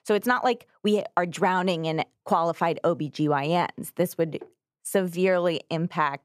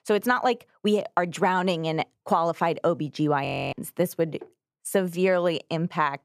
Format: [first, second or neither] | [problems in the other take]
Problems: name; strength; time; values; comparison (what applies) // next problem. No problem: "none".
first | audio freezing; at 3.5 s